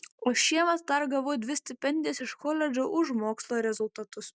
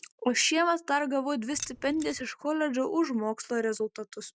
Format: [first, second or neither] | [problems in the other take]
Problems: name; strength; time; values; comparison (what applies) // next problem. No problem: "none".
first | background sound (Keys jangling); 14 dB below the speech